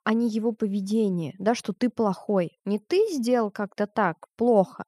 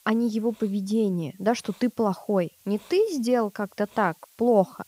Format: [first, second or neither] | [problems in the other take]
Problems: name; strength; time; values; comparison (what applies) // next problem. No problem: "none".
first | hiss; faint; throughout; 30 dB below the speech